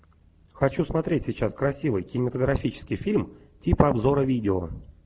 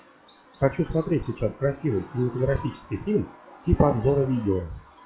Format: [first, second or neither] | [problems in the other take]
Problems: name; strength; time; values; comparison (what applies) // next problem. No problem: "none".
first | noise reduction (classical method log-MMSE)